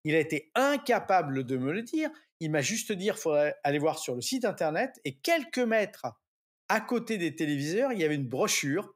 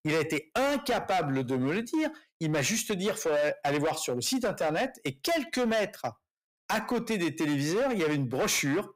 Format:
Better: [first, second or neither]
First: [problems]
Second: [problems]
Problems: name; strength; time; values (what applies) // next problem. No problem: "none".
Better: first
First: none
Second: distortion; heavy; 18% of the sound clipped